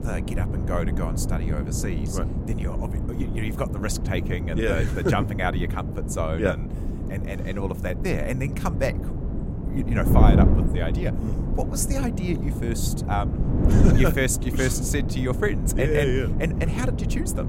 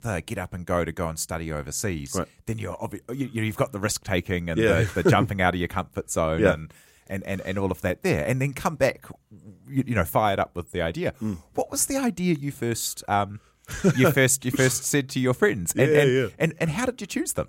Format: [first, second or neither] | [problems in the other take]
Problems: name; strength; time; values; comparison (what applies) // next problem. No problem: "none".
second | wind noise on the microphone; heavy; 6 dB below the speech